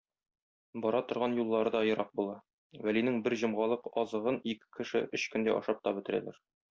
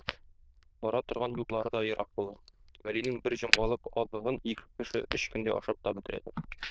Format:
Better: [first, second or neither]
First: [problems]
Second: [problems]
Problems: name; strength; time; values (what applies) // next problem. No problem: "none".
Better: first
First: none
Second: noise reduction (neural diffusion model UNIVERSE++)